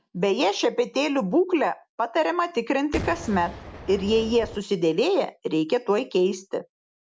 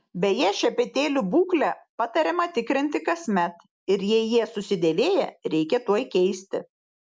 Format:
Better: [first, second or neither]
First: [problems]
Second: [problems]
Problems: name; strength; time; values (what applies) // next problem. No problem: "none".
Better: second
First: background sound (Boom); 11 dB below the speech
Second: none